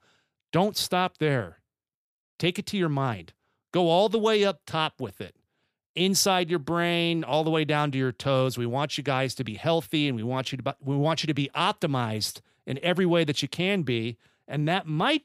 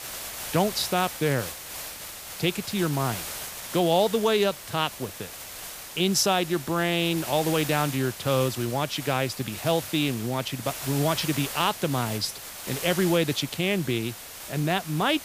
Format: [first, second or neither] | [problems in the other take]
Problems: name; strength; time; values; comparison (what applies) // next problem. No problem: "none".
first | hiss; loud; throughout; 9 dB below the speech